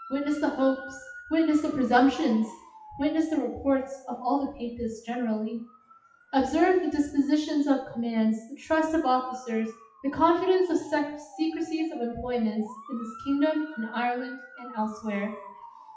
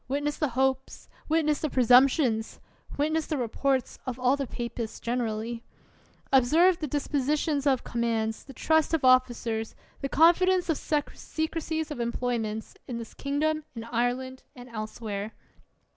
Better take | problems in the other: second | noise reduction (classical method WPE with log-MMSE)

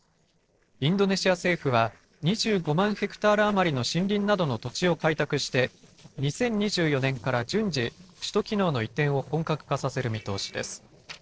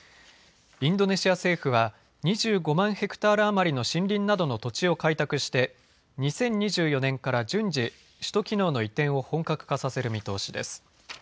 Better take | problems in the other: second | noise reduction (neural separator model SepFormer DNS4)

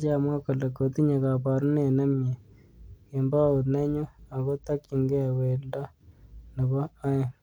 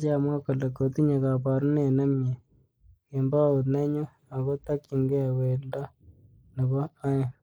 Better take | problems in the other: first | noise reduction (neural mask model Resemble Enhance denoiser)

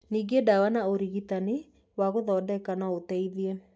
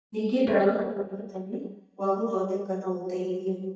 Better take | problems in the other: first | noise reduction (neural mask model DeepFilterNet 3)

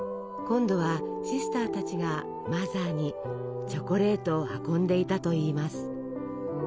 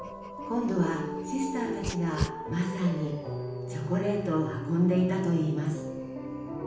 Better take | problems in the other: first | background sound (Dog); 14 dB below the speech // room echo; dies away in 0.9 s

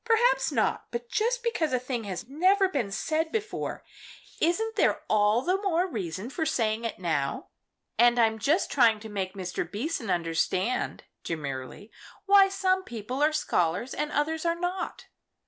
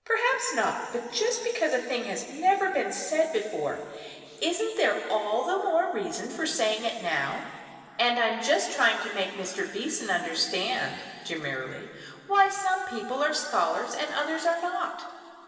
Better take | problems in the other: first | room echo; dies away in 2.7 s

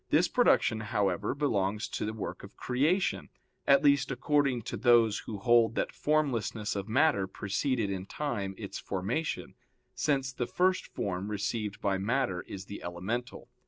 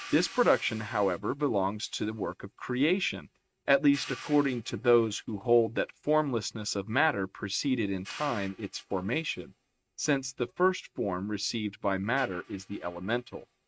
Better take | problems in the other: first | noise reduction (neural mask model RNNoise)

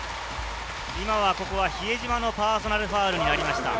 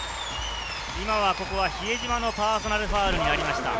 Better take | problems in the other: first | background sound (Squeak); 10 dB below the speech

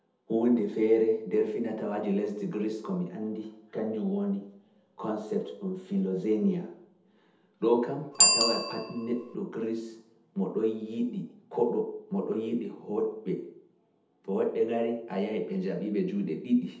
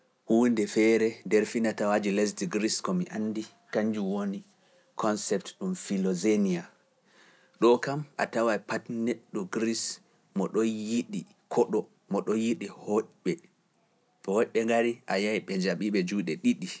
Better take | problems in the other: second | background sound (Bicycle bell); 7 dB below the speech // room echo; dies away in 0.7 s

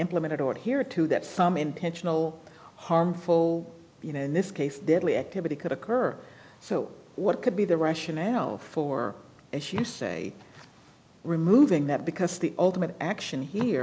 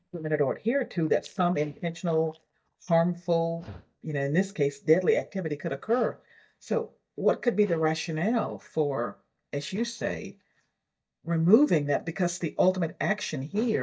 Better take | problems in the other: first | noise reduction (neural mask model DeepFilterNet 3)

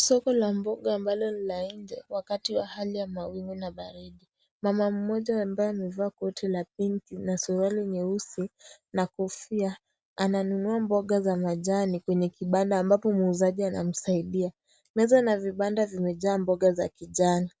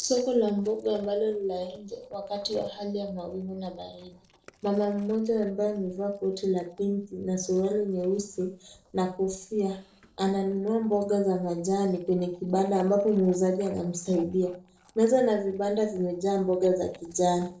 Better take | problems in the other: first | noise reduction (neural separator model SepFormer DNS4)

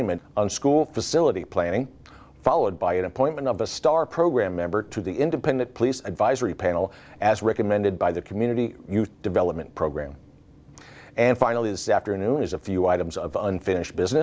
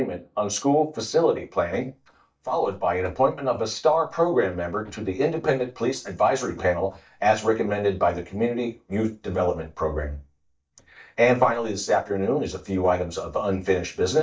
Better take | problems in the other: first | noise reduction (neural mask model DeepFilterNet 3)

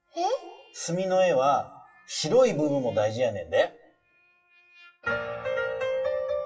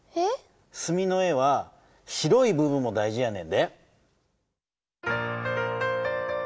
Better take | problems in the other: second | noise reduction (classical method WPE with log-MMSE)

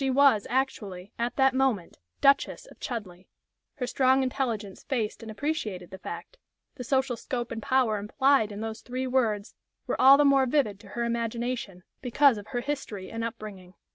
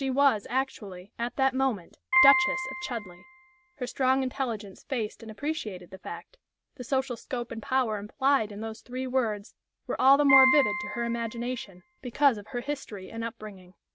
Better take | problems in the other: first | background sound (Piano); as loud as the speech

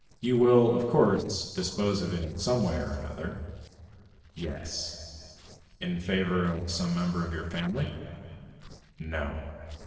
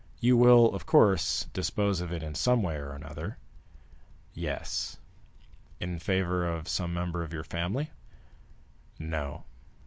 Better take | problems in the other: second | noise reduction (neural separator model SepFormer DNS4)

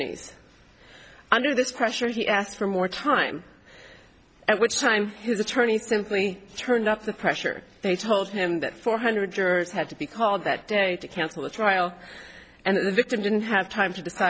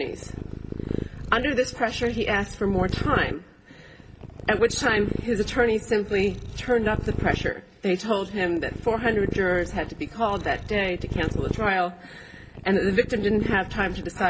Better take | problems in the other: first | background sound (Purr); 7 dB below the speech // room echo; dies away in 0.3 s

